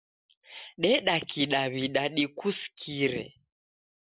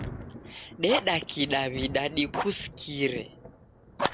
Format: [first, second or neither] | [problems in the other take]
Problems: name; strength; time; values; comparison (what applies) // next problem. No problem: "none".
first | background sound (Thunder + Fire); 7 dB below the speech